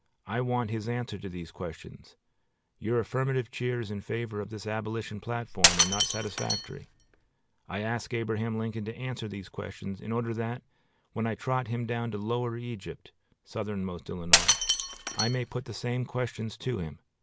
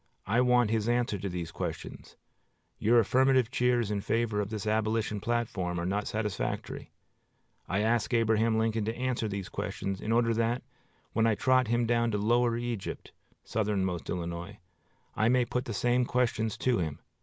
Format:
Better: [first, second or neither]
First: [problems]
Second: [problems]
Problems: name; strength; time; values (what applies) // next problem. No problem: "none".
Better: second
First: background sound (Shatter); 4 dB above the speech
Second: none